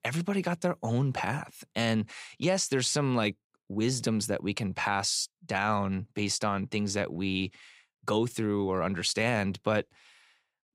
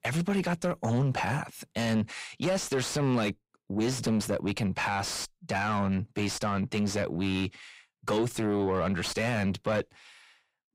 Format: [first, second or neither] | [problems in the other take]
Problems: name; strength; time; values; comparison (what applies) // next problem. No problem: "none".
first | distortion; heavy; 7 dB below the speech